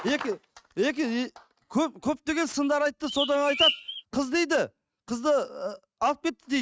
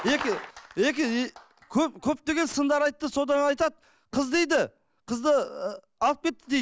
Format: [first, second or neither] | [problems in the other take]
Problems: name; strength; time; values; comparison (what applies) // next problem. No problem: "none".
second | noise reduction (neural mask model RNNoise)